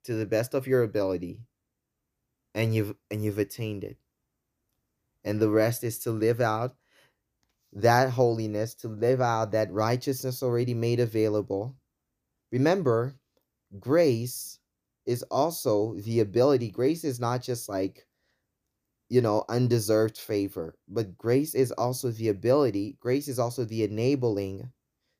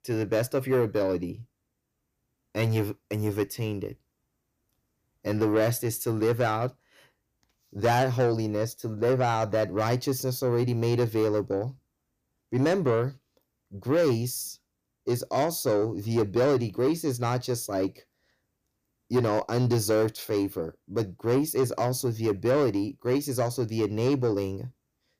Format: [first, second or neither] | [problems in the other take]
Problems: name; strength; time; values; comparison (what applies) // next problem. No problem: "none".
first | distortion; slight; 10 dB below the speech